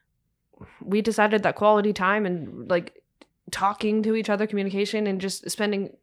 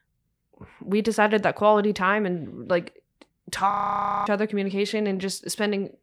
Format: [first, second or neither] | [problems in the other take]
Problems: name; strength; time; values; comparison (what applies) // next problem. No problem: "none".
first | audio freezing; at 3.5 s for 0.5 s